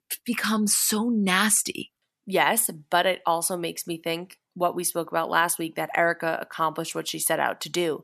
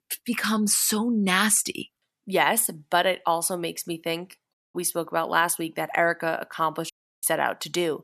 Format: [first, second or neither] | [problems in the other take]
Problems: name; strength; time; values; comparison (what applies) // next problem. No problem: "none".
first | audio cutting out; at 4.5 s and at 7 s